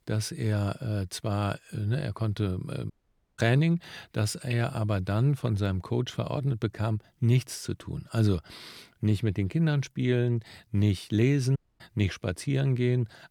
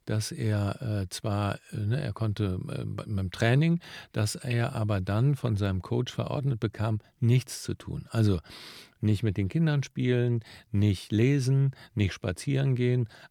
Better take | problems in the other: second | audio cutting out; at 3 s and at 12 s

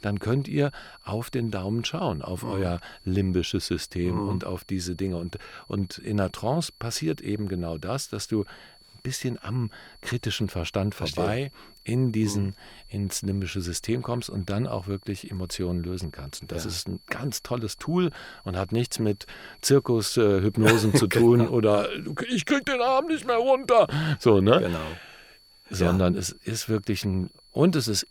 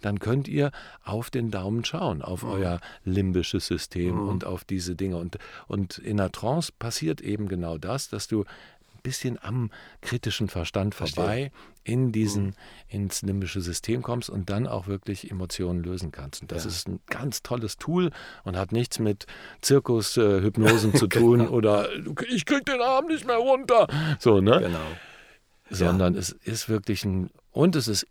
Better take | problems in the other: second | high-pitched whine; faint; throughout; 4.5 kHz, 25 dB below the speech

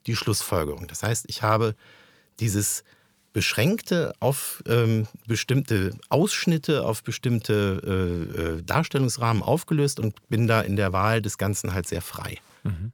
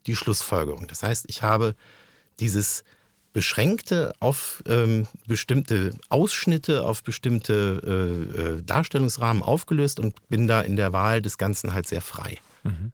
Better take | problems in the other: first | garbled, watery; slightly

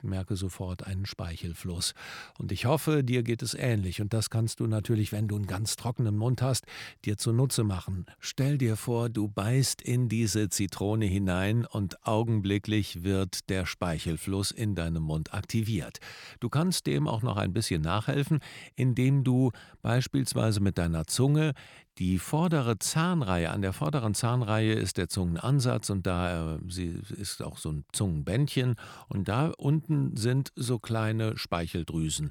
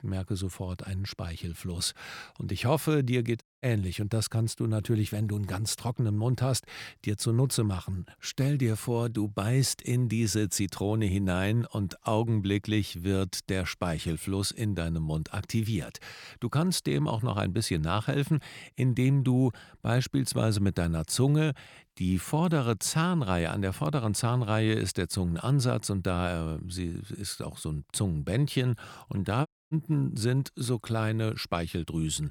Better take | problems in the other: first | audio cutting out; at 3.5 s and at 29 s

